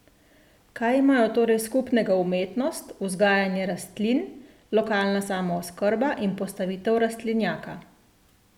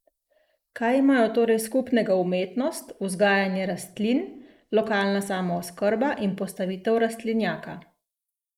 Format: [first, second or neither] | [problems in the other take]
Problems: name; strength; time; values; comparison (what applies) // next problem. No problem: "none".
first | noise reduction (neural mask model Resemble Enhance denoiser)